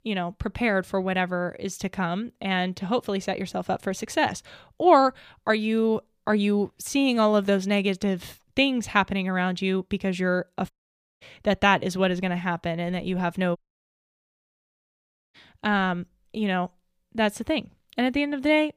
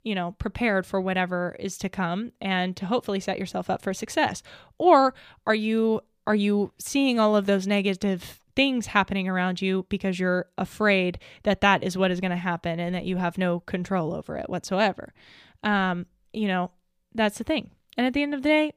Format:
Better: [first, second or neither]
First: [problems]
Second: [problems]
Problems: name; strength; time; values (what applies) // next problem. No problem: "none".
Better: second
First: audio cutting out; at 11 s for 0.5 s and at 14 s for 2 s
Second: none